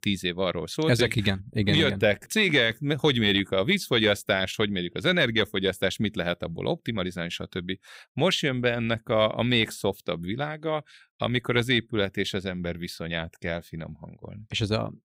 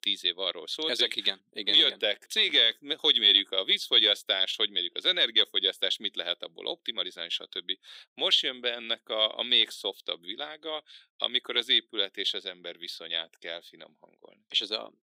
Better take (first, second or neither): first